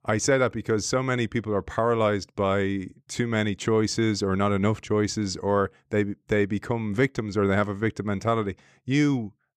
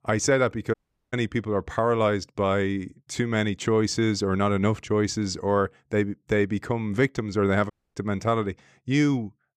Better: first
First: none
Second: audio cutting out; at 0.5 s and at 7.5 s

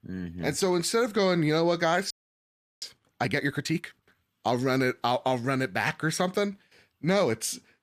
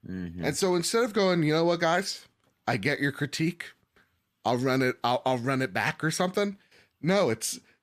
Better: second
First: audio freezing; at 2 s for 0.5 s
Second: none

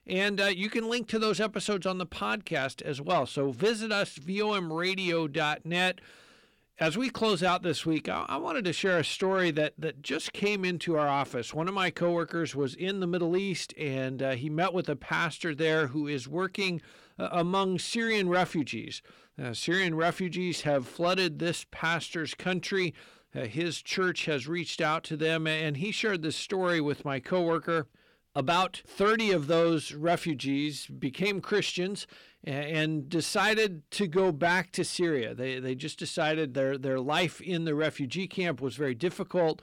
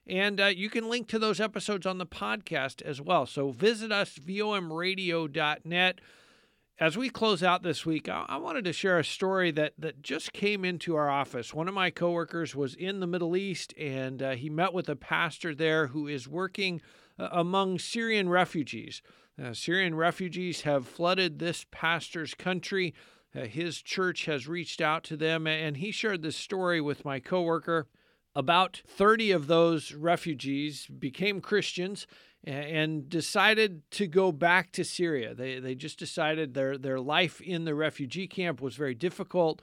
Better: second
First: distortion; slight; 10 dB below the speech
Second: none

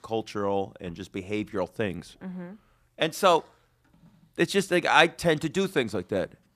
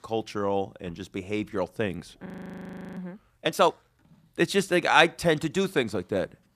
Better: first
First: none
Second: audio freezing; at 2.5 s for 0.5 s

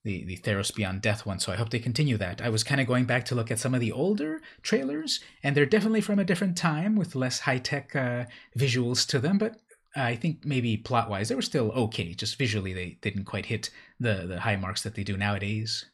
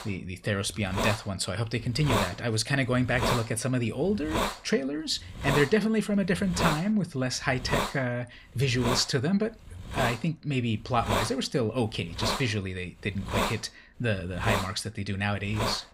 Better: first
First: none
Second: hiss; loud; throughout; 3 dB below the speech

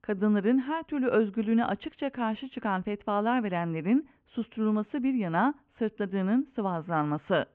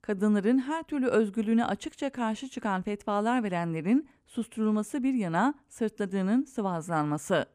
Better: second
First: muffled; very; fading above 3 kHz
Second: none

